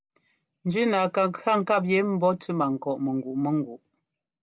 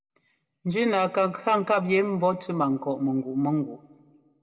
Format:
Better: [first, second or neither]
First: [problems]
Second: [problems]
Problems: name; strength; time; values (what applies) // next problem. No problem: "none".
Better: first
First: none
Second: room echo; dies away in 1 s